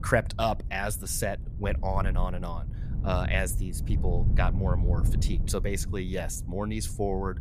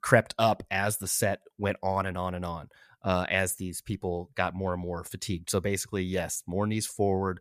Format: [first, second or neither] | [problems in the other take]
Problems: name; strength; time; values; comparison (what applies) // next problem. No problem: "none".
second | wind noise on the microphone; occasional gusts; 15 dB below the speech